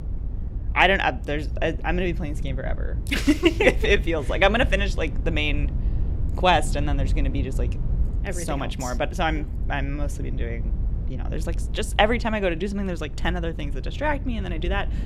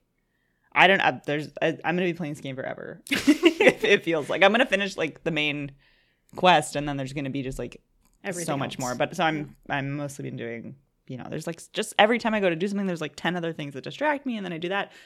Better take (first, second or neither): second